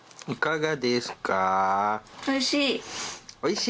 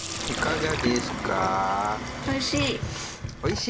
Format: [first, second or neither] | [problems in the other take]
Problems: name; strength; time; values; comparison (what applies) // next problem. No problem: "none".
first | background sound (Sink (filling or washing)); 3 dB below the speech